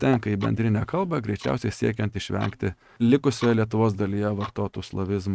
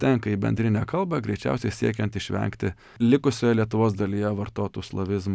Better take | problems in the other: second | noise reduction (neural mask model RNNoise)

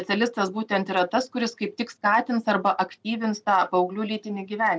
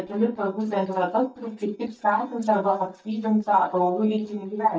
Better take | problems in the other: first | noise reduction (neural mask model DeepFilterNet 3)

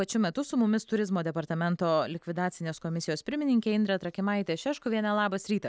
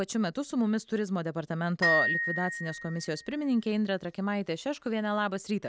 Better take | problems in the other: first | background sound (Glockenspiel); 4 dB below the speech

